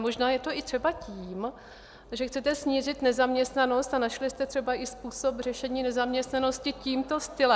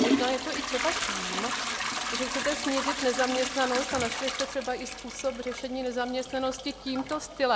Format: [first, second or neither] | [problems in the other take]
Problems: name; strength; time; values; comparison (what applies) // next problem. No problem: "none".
first | background sound (Trickle, dribble / Toilet flush / Hiss); 2 dB below the speech